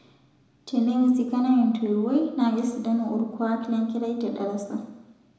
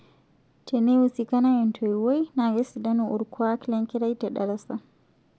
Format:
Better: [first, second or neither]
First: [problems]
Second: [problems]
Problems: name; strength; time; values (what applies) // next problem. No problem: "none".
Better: second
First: room echo; dies away in 0.9 s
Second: none